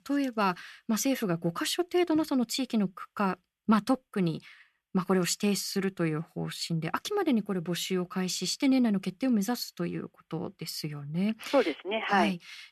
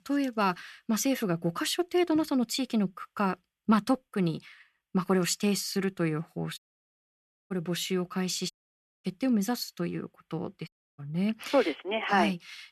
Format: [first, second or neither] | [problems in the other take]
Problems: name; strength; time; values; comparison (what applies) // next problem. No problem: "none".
first | audio cutting out; at 6.5 s for 1 s, at 8.5 s for 0.5 s and at 11 s